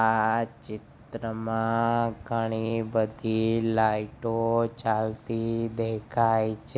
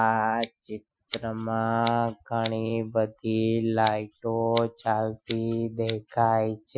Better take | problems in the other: first | noise reduction (classical method Wiener filter)

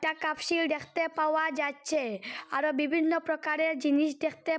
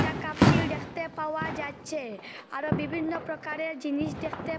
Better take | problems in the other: first | background sound (Fireworks); 3 dB above the speech

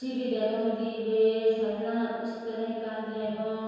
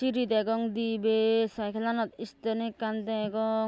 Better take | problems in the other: second | room echo; dies away in 1.9 s

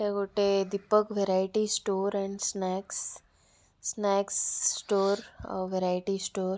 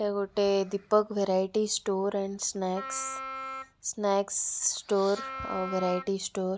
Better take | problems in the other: first | background sound (Wind instrument, woodwind instrument); 10 dB below the speech

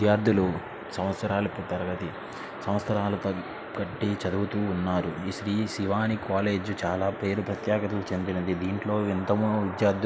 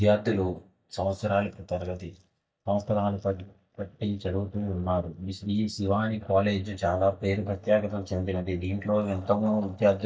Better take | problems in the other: first | noise reduction (neural mask model DeepFilterNet 3)

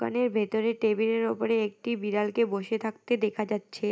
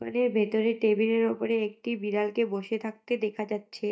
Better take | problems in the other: first | noise reduction (neural mask model DeepFilterNet 3)

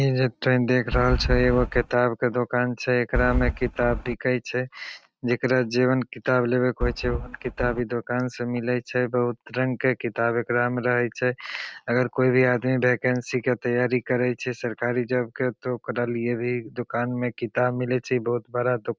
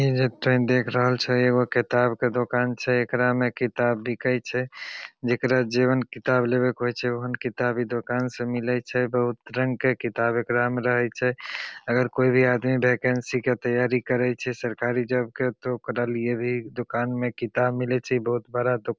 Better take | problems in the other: second | noise reduction (neural mask model RNNoise)

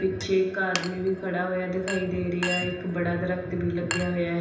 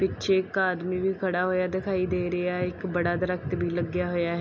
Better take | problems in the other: second | background sound (Chink, clink); 10 dB below the speech // room echo; dies away in 0.9 s

